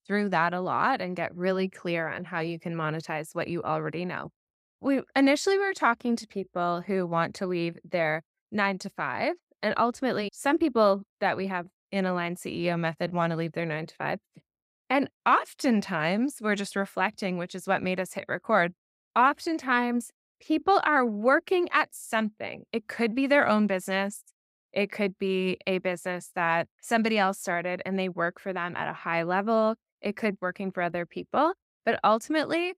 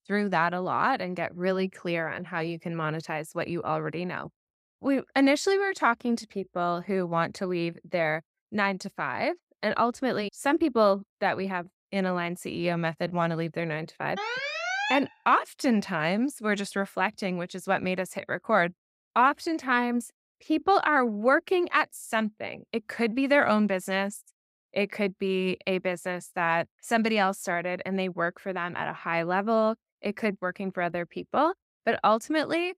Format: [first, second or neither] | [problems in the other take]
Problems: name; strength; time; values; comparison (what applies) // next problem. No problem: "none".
first | alarm; noticeable; at 14 s; peak 1 dB below the speech